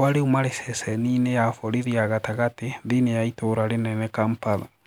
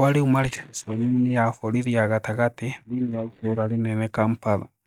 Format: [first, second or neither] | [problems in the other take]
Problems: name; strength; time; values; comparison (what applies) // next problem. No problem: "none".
first | noise reduction (neural mask model DeepFilterNet 3)